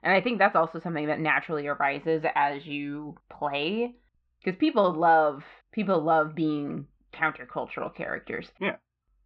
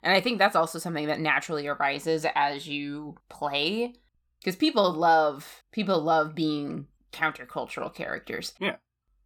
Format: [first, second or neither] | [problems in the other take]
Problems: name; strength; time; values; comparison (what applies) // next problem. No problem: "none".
second | muffled; very; fading above 3 kHz